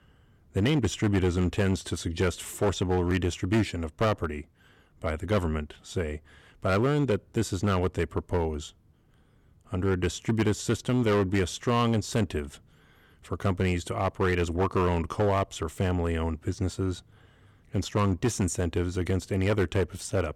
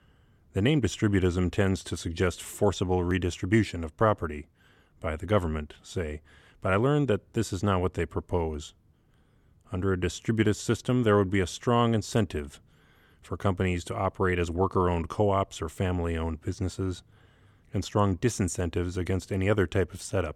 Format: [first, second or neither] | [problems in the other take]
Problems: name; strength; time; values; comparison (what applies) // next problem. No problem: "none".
second | distortion; slight; 5% of the sound clipped